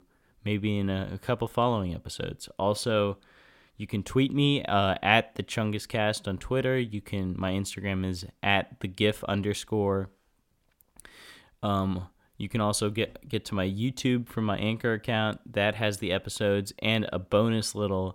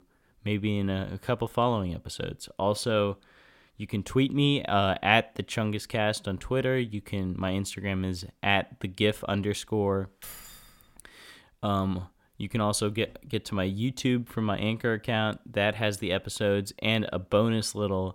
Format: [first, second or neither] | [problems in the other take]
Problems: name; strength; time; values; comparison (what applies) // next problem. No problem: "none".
first | jangling keys; faint; at 10 s; peak 15 dB below the speech